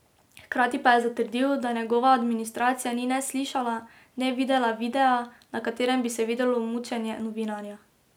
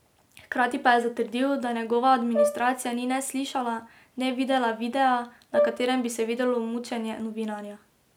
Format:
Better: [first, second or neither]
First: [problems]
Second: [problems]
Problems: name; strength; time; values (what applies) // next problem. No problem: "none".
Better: first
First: none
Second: background sound (Brass instrument); 3 dB below the speech